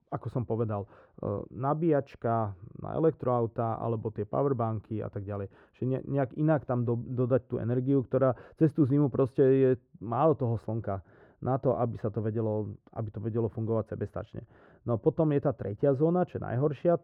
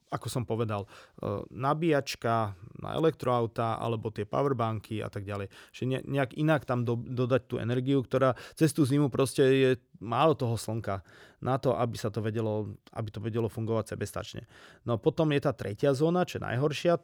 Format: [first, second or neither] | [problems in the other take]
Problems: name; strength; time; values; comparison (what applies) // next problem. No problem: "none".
second | muffled; very; fading above 2.5 kHz